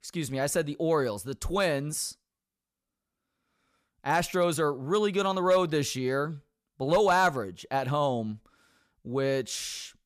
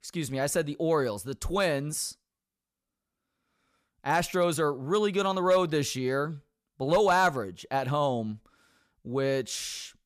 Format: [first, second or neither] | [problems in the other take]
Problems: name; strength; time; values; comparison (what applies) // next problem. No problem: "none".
neither | none